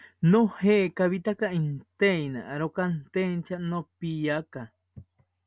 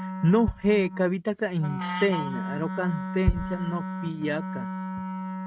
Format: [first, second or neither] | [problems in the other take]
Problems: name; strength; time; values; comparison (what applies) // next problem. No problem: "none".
first | noise reduction (neural mask model RNNoise)